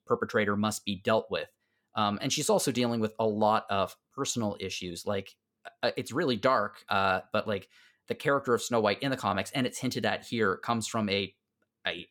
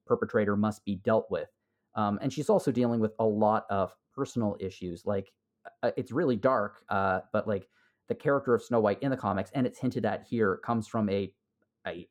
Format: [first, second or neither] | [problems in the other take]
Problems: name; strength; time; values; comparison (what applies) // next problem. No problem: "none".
first | muffled; slightly; fading above 1 kHz